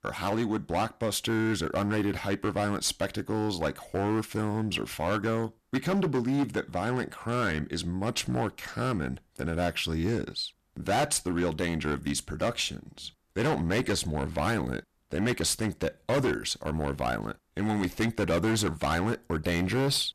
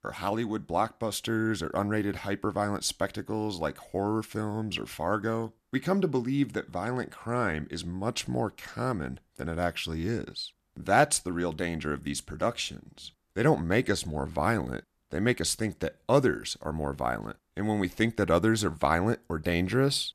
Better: second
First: distortion; heavy; 11% of the sound clipped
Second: none

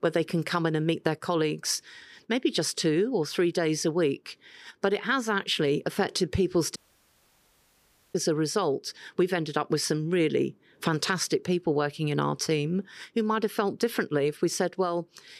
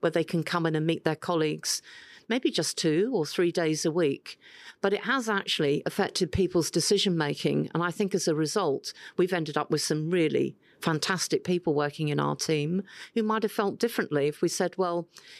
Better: second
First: audio cutting out; at 7 s for 1.5 s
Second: none

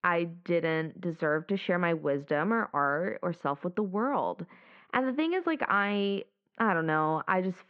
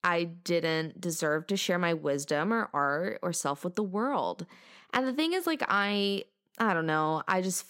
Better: second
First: muffled; very; fading above 2.5 kHz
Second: none

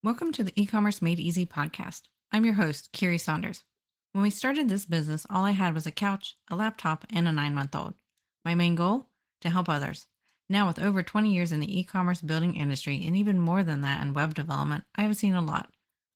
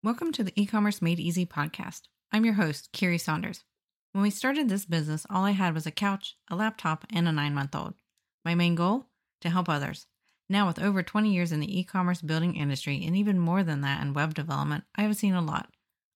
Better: second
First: garbled, watery; slightly; nothing above 15.5 kHz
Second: none

